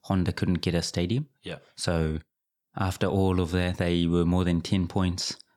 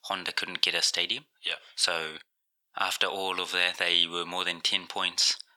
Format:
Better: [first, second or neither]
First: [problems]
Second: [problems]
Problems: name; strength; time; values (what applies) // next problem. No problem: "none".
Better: first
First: none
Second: thin; very; fading below 950 Hz